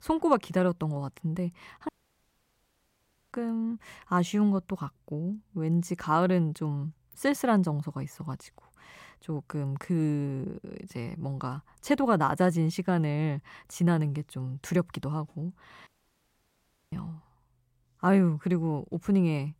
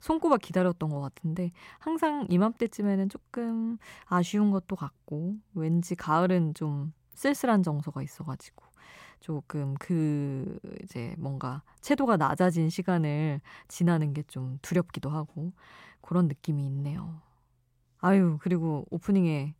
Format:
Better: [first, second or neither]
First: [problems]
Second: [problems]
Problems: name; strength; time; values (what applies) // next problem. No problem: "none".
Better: second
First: audio cutting out; at 2 s for 1.5 s and at 16 s for 1 s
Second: none